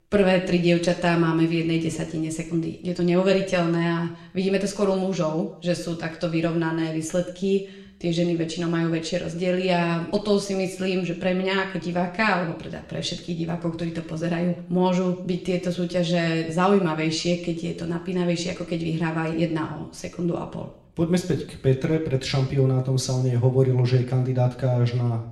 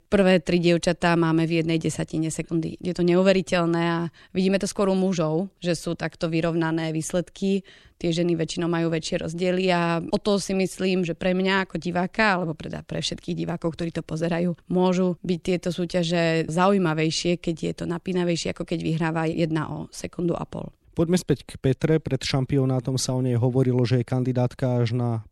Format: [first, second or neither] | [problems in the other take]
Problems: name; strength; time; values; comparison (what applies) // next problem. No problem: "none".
second | room echo; slight; dies away in 0.6 s